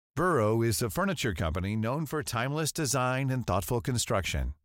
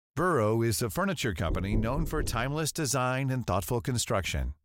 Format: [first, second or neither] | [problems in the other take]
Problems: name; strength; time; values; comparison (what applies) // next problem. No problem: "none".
first | door banging; noticeable; from 1.5 to 2.5 s; peak 6 dB below the speech